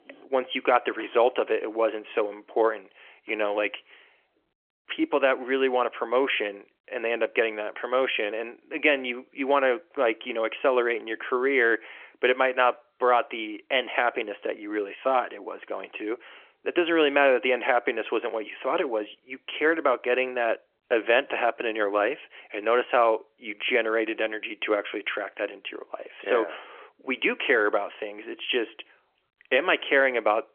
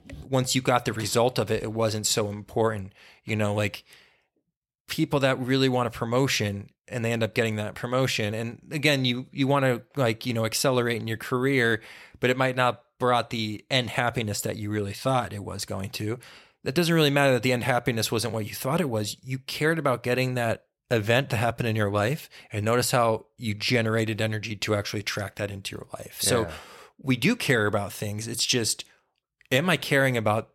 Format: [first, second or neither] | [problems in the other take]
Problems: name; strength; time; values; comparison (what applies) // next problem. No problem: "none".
second | phone-call audio; nothing above 3 kHz